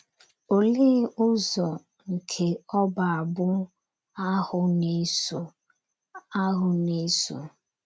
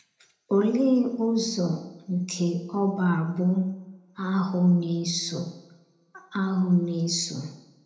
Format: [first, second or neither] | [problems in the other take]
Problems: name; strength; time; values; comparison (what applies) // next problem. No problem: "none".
first | room echo; dies away in 0.7 s